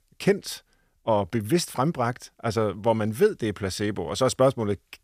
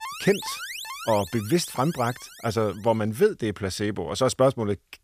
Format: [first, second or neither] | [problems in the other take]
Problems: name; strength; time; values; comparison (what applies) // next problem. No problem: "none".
first | alarm; noticeable; until 3 s; peak 8 dB below the speech